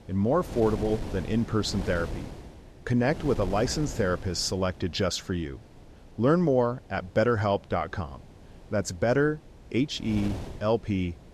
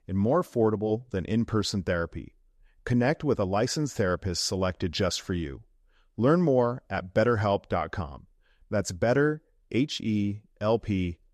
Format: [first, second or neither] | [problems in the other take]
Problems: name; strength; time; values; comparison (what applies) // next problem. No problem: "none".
second | wind noise on the microphone; occasional gusts; 15 dB below the speech